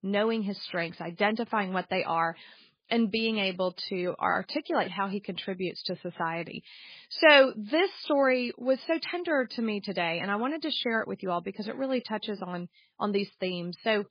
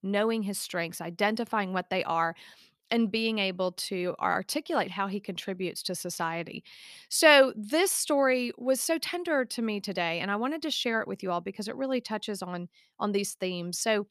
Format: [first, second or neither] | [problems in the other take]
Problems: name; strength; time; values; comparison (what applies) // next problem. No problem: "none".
second | garbled, watery; badly